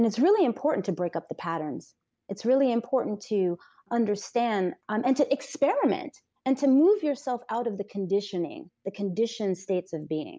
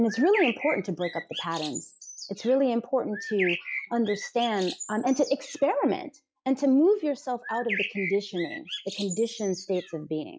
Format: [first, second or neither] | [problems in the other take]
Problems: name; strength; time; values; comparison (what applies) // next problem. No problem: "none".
first | noise reduction (classical method log-MMSE)